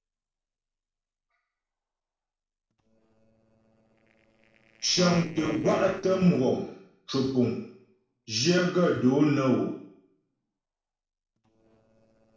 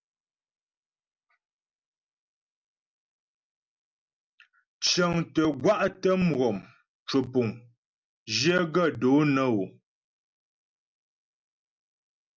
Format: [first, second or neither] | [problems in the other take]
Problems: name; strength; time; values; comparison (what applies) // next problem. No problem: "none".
second | noise reduction (neural separator model SepFormer DNS4)